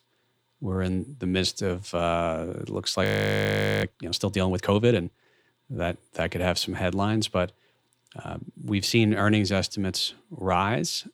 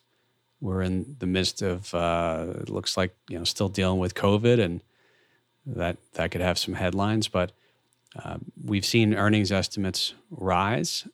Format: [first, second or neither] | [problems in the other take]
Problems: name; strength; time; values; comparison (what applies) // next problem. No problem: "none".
second | audio freezing; at 3 s for 1 s